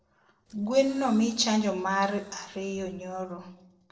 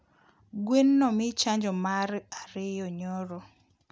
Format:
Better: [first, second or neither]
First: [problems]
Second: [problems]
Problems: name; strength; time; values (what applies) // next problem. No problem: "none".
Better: second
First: noise reduction (neural separator model SepFormer DNS4)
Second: none